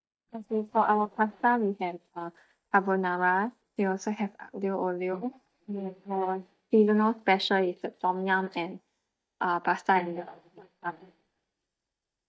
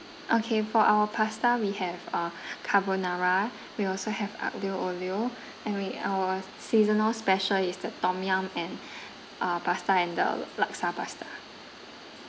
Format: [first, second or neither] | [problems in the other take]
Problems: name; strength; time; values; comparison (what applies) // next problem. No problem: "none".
second | noise reduction (neural mask model DeepFilterNet 3)